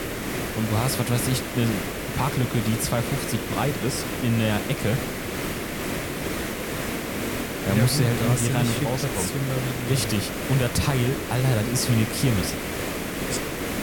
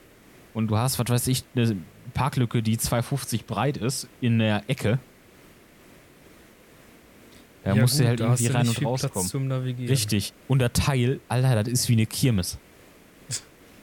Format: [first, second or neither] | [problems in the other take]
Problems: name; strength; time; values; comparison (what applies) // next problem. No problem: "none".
second | hiss; loud; throughout; 3 dB below the speech; faint in the second